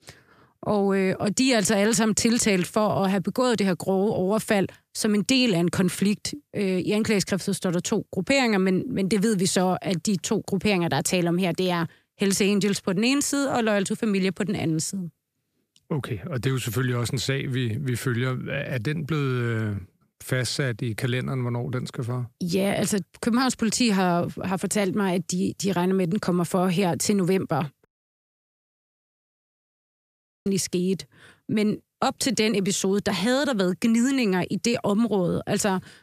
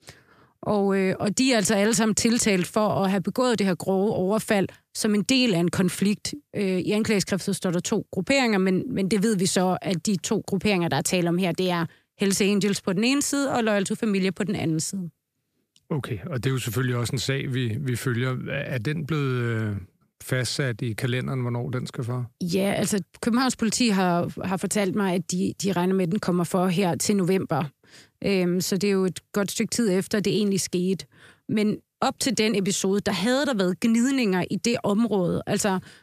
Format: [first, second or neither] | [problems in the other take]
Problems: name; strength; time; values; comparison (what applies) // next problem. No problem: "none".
second | audio cutting out; at 28 s for 2.5 s